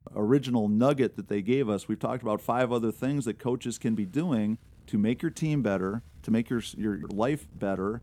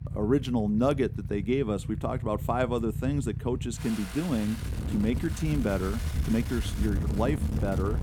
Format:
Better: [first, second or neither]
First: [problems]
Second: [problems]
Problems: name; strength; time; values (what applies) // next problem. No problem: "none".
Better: first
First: traffic noise; faint; throughout; 25 dB below the speech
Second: traffic noise; loud; throughout; 4 dB below the speech